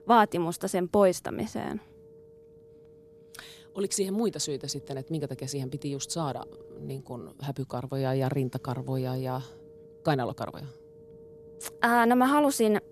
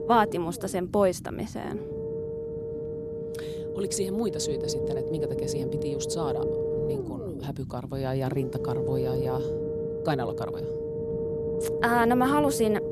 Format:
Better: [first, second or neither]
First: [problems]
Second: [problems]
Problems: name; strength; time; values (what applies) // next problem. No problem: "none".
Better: first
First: low rumble; faint; throughout; 25 dB below the speech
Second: low rumble; loud; throughout; 3 dB below the speech